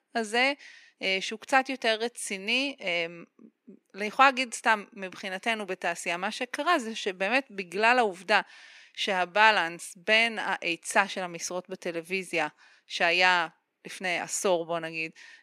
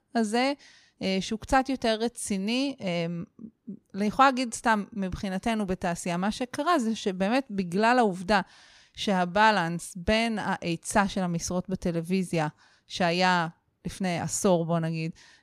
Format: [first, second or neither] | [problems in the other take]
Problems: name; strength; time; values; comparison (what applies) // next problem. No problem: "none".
second | thin; somewhat; fading below 300 Hz